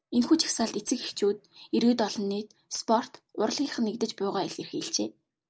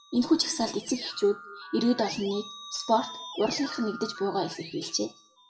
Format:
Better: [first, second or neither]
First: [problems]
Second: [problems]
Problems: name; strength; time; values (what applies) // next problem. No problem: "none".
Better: first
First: none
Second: noise reduction (classical method WPE with log-MMSE)